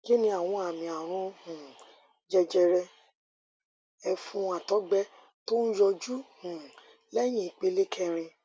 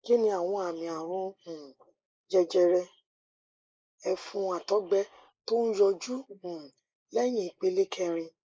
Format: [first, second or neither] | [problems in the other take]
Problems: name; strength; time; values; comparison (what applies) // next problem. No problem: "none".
first | noise reduction (neural mask model Resemble Enhance denoiser)